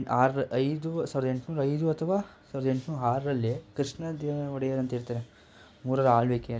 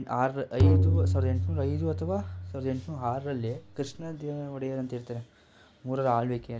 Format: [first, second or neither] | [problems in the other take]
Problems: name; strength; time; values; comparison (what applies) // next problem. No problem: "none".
first | background sound (Tabla); 4 dB above the speech